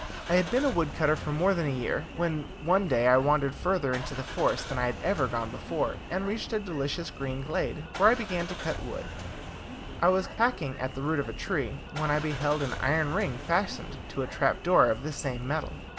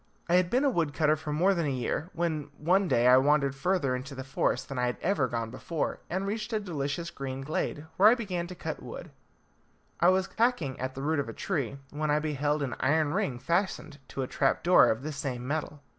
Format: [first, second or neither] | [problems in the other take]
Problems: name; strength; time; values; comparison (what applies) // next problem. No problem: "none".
second | background sound (Engine starting / Car); 10 dB below the speech